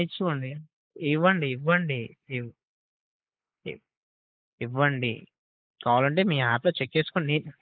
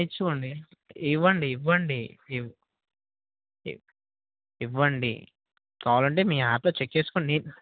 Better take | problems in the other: second | noise reduction (neural mask model Resemble Enhance denoiser)

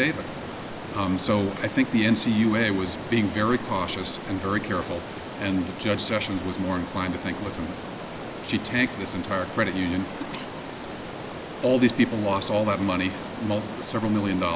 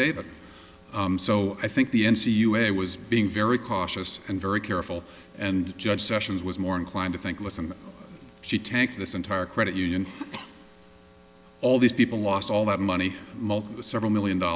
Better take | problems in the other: second | background sound (Stream); 9 dB below the speech

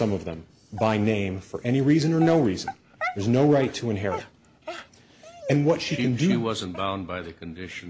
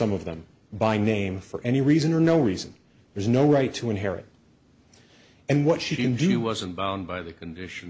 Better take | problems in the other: second | background sound (Dog); 15 dB below the speech

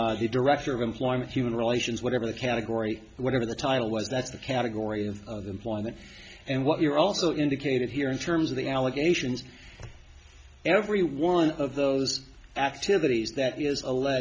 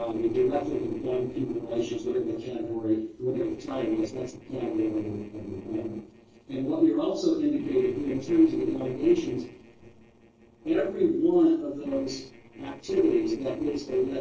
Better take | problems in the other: first | noise reduction (neural separator model SepFormer DNS4)

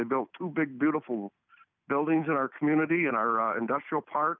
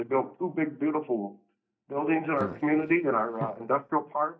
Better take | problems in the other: first | noise reduction (neural mask model DeepFilterNet 3)

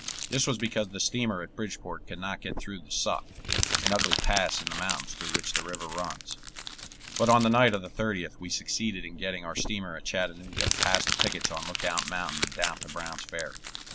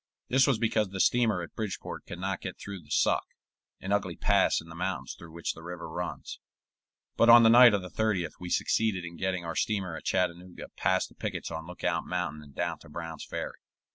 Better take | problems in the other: second | background sound (Crumpling, crinkling); 3 dB below the speech

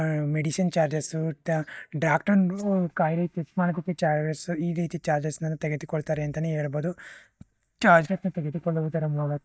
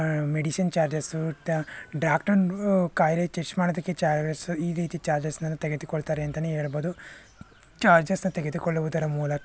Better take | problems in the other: second | noise reduction (neural mask model DeepFilterNet 3)

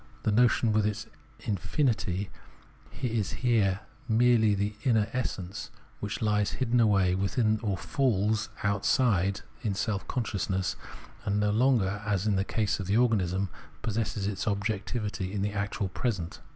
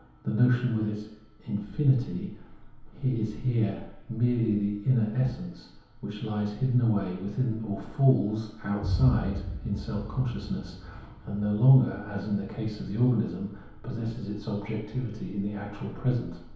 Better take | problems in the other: first | background sound (Boom); 14 dB below the speech // room echo; dies away in 2.2 s

